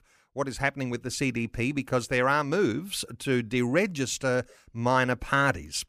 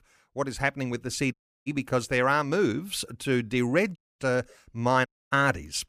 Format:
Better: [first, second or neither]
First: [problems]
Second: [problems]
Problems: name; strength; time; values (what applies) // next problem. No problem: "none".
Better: first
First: none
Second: audio cutting out; at 1.5 s, at 4 s and at 5 s